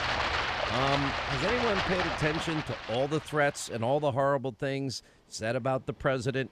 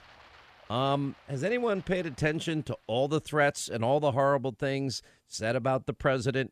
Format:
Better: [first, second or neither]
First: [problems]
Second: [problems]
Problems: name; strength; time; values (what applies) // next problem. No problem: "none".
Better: second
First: rain or running water; loud; throughout; as loud as the speech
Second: rain or running water; faint; throughout; 25 dB below the speech